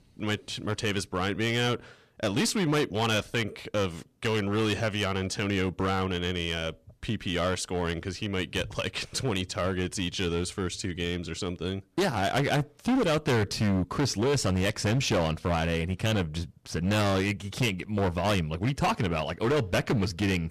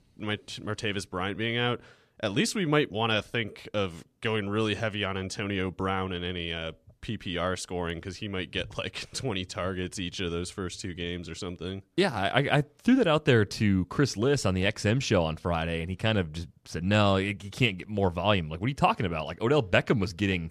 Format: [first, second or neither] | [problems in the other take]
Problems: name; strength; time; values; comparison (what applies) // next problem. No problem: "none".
second | distortion; heavy; 12% of the sound clipped